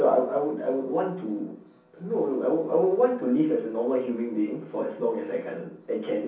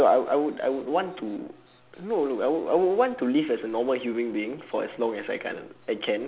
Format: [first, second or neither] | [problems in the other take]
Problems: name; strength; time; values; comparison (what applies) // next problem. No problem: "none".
second | room echo; dies away in 0.6 s